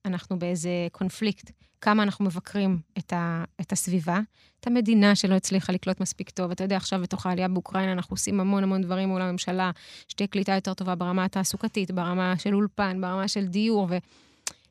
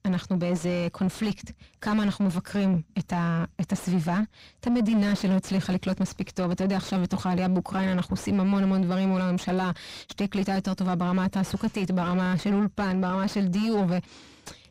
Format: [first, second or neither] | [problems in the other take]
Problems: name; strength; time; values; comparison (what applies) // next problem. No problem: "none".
first | distortion; heavy; 7 dB below the speech